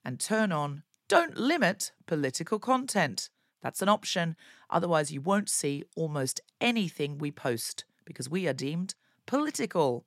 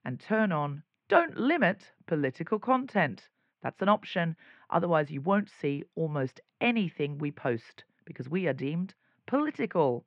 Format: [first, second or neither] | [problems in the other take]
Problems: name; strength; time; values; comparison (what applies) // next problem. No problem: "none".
first | muffled; very; fading above 2.5 kHz